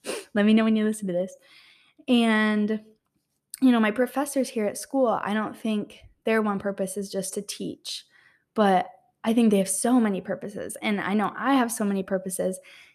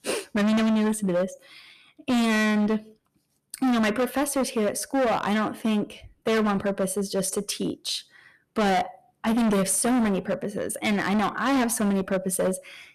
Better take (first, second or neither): first